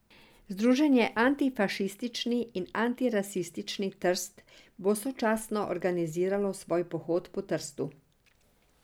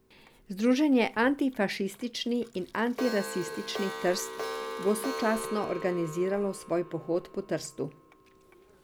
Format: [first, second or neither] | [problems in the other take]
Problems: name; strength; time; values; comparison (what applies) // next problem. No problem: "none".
first | background sound (Clock); 11 dB below the speech